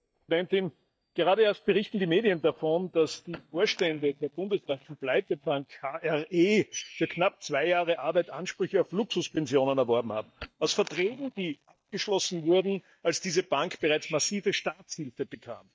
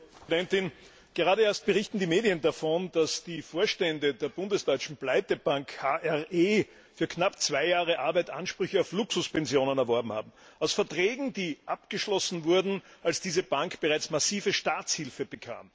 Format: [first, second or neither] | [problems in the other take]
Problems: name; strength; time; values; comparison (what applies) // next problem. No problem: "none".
second | noise reduction (neural mask model DeepFilterNet 3)